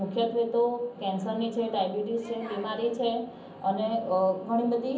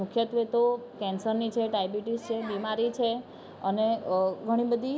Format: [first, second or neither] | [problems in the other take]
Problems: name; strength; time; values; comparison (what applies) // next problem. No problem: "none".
second | room echo; dies away in 0.6 s